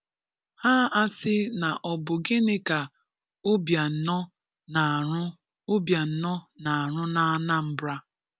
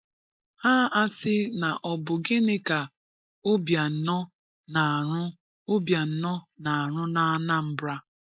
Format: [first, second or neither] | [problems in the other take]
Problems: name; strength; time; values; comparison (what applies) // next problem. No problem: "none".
first | noise reduction (neural mask model Resemble Enhance denoiser)